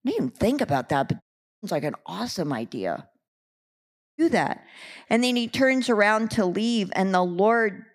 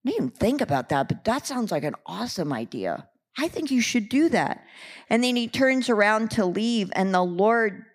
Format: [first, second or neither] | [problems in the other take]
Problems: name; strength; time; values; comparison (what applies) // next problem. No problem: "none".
second | audio cutting out; at 1 s and at 3.5 s for 1 s